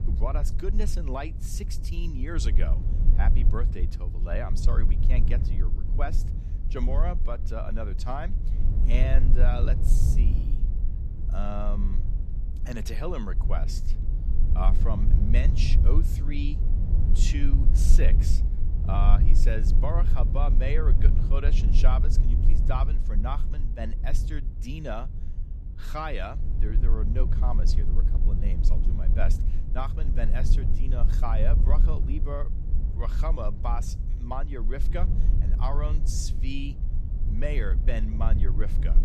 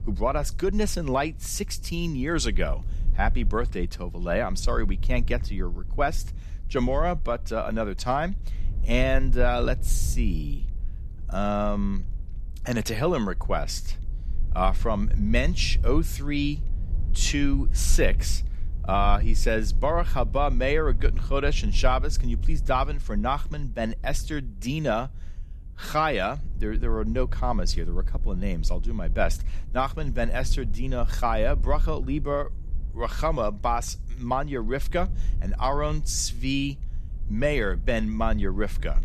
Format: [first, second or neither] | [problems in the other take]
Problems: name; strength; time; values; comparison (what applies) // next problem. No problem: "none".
second | low rumble; loud; throughout; 8 dB below the speech; faint in the second